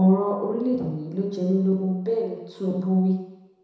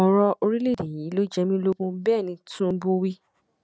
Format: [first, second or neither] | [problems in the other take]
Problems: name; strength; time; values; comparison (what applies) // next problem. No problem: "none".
second | room echo; dies away in 1 s